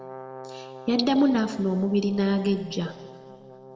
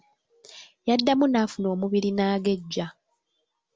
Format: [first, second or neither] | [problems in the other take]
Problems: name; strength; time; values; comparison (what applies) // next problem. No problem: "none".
second | background sound (Brass instrument); 17 dB below the speech // room echo; dies away in 2 s